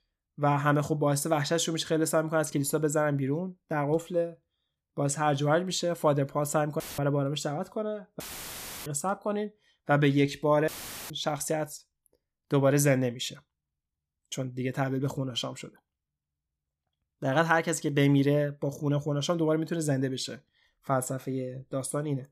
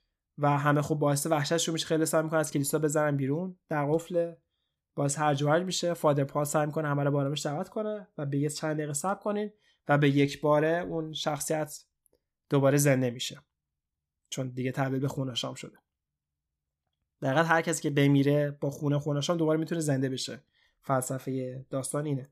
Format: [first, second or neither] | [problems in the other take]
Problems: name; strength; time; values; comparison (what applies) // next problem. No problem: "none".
second | audio cutting out; filled with static; at 7 s, at 8 s for 0.5 s and at 11 s